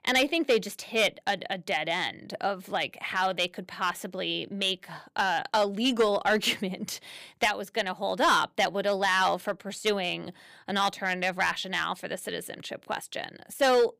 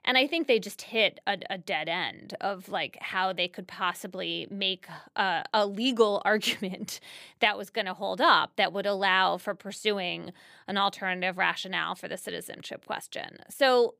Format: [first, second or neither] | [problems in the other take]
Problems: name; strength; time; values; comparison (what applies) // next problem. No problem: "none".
second | distortion; slight; 3% of the sound clipped